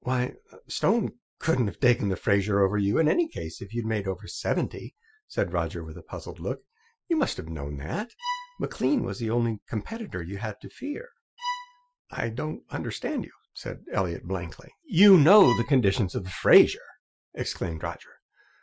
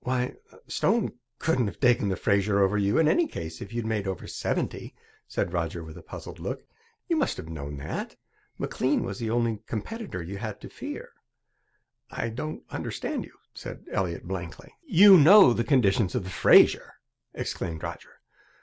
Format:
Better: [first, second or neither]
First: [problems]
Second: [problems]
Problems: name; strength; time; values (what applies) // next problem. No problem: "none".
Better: second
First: noise reduction (classical method Wiener filter)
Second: none